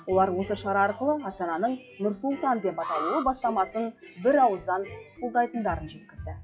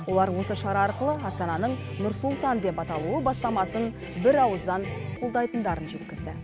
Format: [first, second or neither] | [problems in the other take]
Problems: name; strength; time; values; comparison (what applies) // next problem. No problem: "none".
second | noise reduction (classical method WPE with log-MMSE)